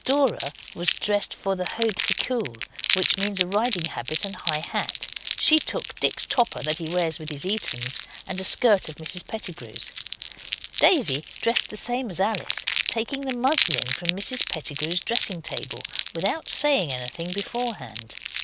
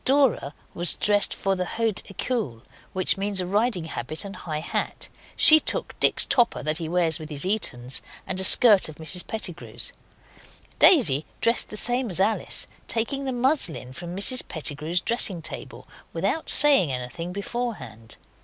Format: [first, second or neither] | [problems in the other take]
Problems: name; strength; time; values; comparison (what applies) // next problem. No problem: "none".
second | background sound (Crumpling, crinkling); 5 dB below the speech